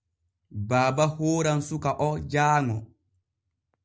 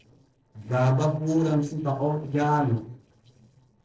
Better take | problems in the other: first | noise reduction (neural separator model SepFormer DNS4)

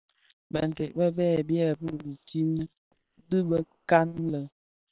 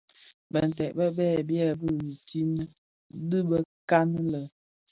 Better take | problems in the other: second | noise reduction (neural separator model SepFormer WHAM!)

